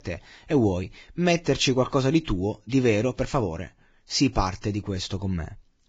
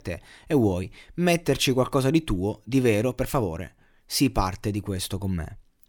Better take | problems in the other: second | garbled, watery; badly; nothing above 7.5 kHz

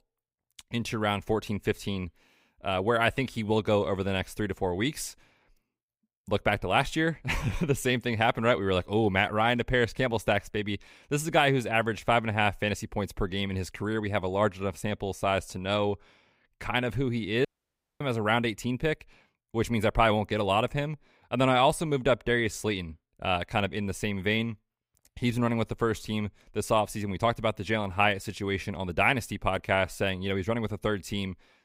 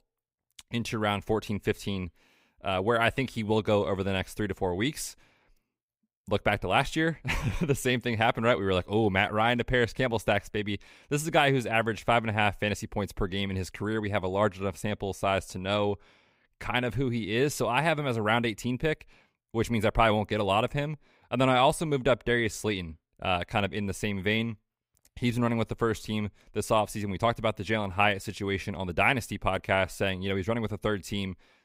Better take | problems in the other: second | audio cutting out; at 17 s for 0.5 s

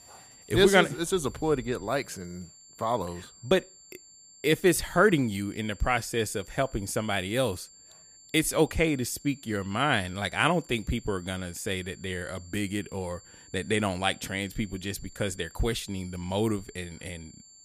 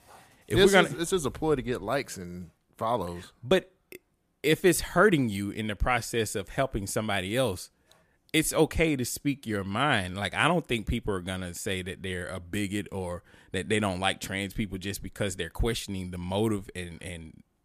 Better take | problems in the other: second | high-pitched whine; faint; throughout; 7.5 kHz, 20 dB below the speech

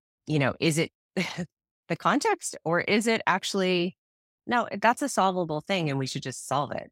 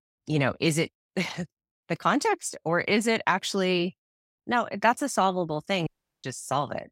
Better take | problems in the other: first | audio cutting out; at 6 s

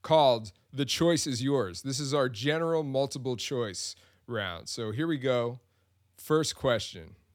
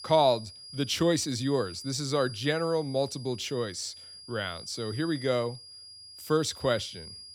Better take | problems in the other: first | high-pitched whine; noticeable; throughout; 5 kHz, 15 dB below the speech

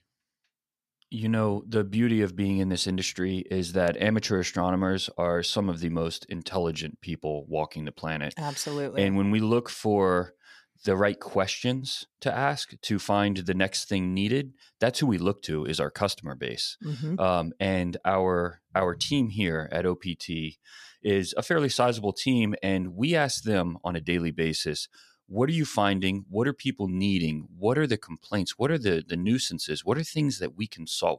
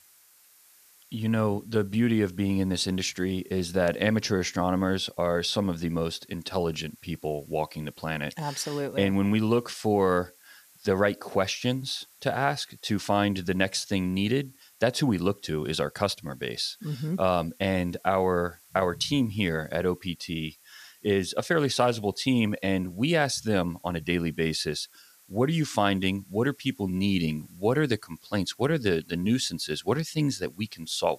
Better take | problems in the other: first | hiss; faint; throughout; 25 dB below the speech

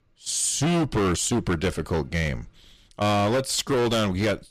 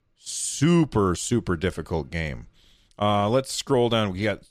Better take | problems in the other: second | distortion; heavy; 18% of the sound clipped

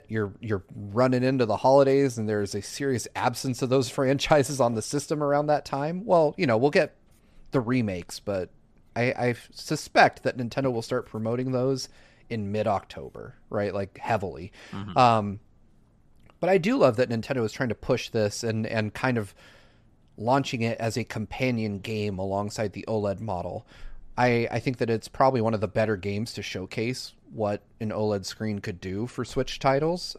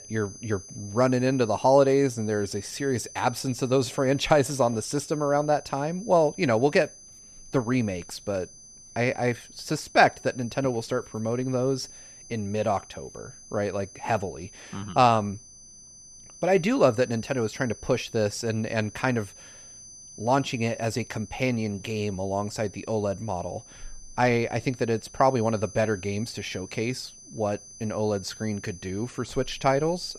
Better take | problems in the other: first | high-pitched whine; noticeable; throughout; 6 kHz, 20 dB below the speech

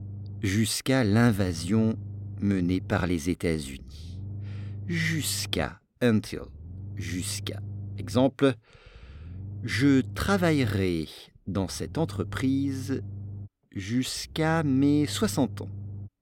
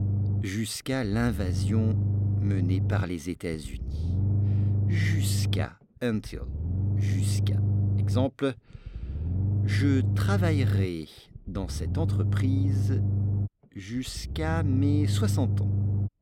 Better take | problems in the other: first | low rumble; loud; throughout; 6 dB below the speech; faint in the first

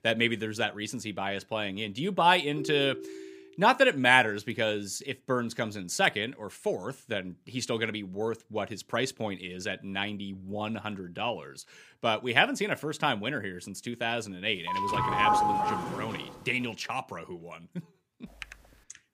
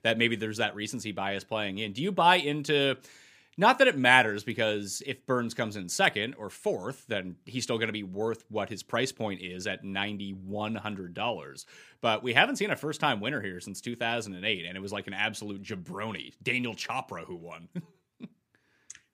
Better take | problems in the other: second | phone ringing; noticeable; at 2.5 s; peak 9 dB below the speech // doorbell; loud; from 15 to 16 s; peak 5 dB above the speech // keyboard typing; faint; at 18 s; peak 15 dB below the speech

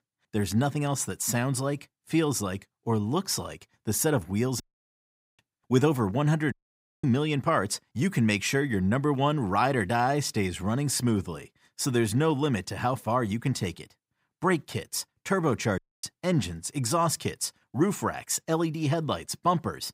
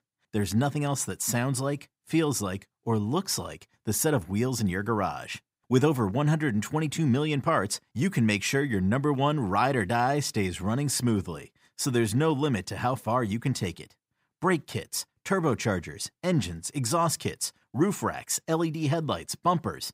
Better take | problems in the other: second | audio cutting out; at 4.5 s for 1 s, at 6.5 s for 0.5 s and at 16 s

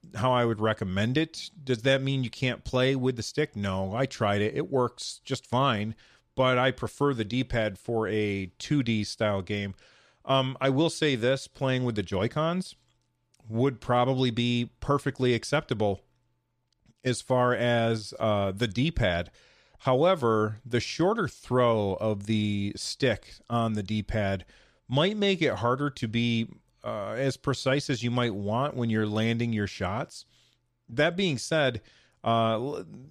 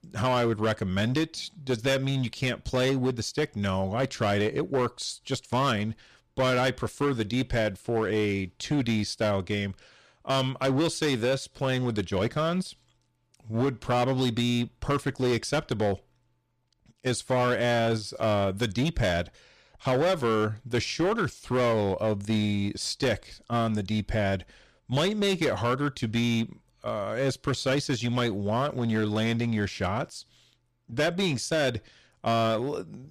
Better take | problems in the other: first | distortion; slight; 11% of the sound clipped

